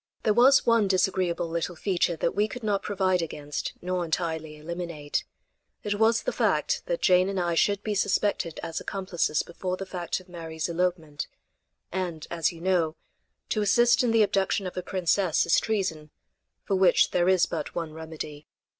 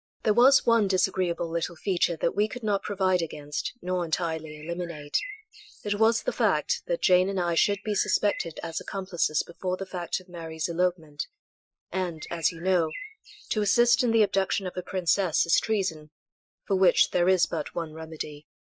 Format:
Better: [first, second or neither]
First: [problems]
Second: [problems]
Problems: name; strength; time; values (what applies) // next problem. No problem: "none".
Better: first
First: none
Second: noise reduction (classical method Wiener filter)